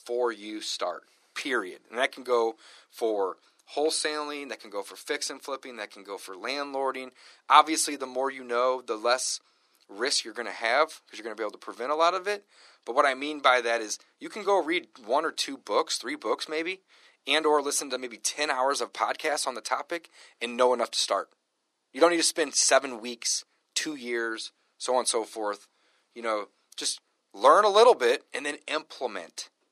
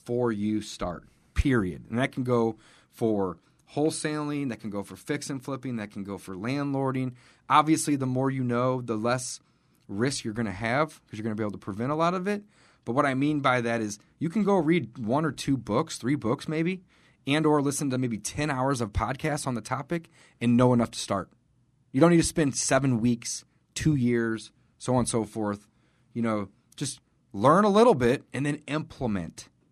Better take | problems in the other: second | thin; very; fading below 400 Hz

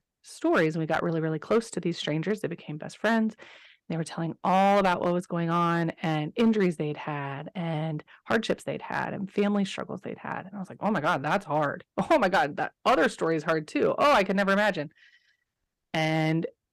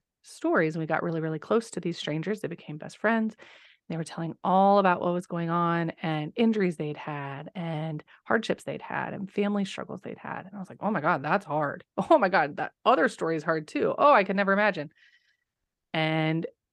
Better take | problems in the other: second | distortion; slight; 3% of the sound clipped

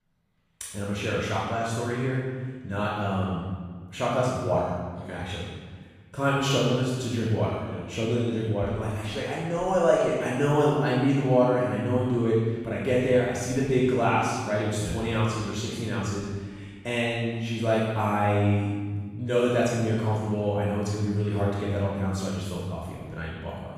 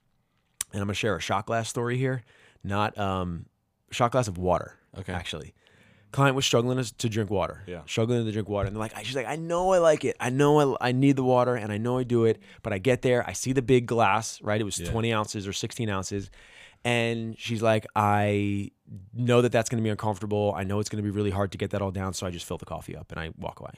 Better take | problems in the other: second | off-mic speech; far // room echo; strong; dies away in 1.4 s

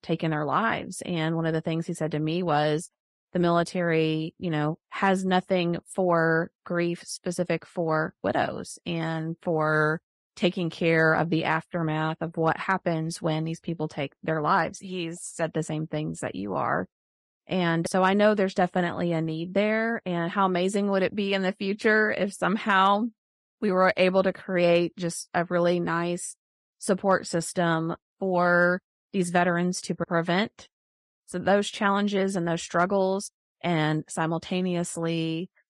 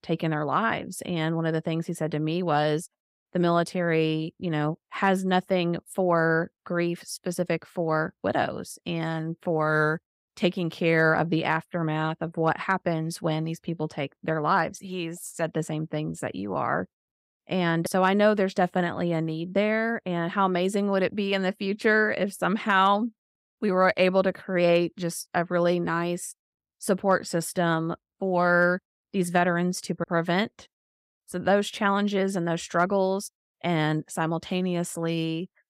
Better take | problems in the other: second | garbled, watery; slightly; nothing above 10.5 kHz

